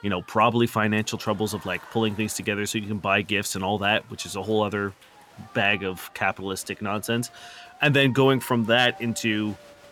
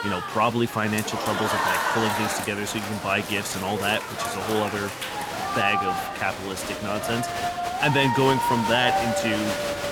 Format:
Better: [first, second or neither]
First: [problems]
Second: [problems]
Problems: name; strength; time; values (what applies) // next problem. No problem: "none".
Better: first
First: crowd noise; faint; throughout; 25 dB below the speech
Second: crowd noise; loud; throughout; 1 dB below the speech